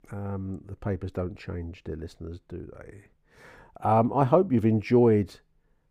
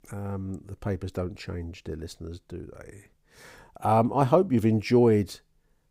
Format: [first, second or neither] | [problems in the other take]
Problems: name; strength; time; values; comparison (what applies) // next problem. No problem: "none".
second | muffled; slightly; fading above 3.5 kHz